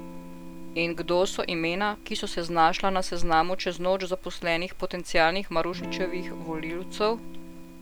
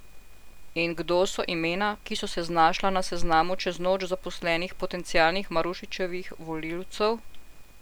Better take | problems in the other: second | background sound (Electric guitar / Strum); 16 dB below the speech

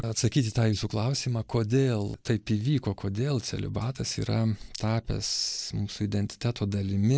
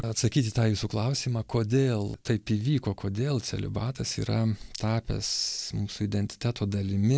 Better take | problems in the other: second | noise reduction (neural mask model Resemble Enhance denoiser)

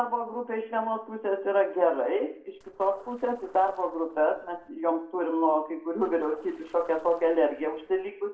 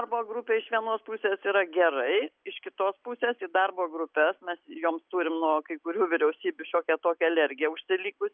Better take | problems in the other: second | noise reduction (neural separator model SepFormer DNS4)

